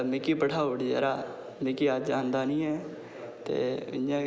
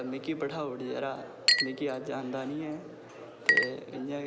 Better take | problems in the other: first | background sound (Chink, clink); 2 dB above the speech

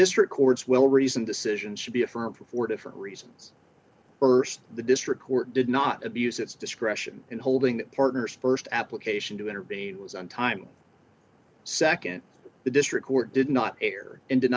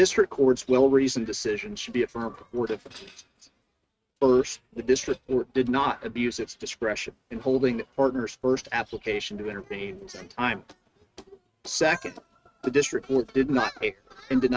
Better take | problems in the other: first | noise reduction (neural mask model RNNoise)

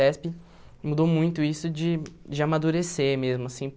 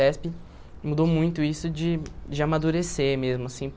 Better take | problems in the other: first | background sound (Gull, seagull / Fowl); 15 dB below the speech

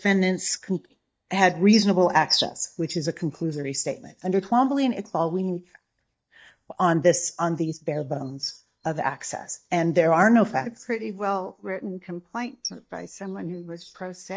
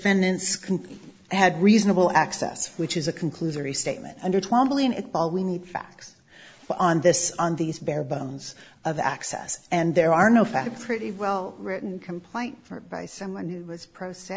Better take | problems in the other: second | noise reduction (neural mask model DeepFilterNet 3)

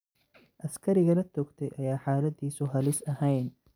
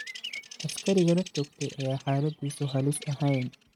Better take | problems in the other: first | noise reduction (neural mask model RNNoise)

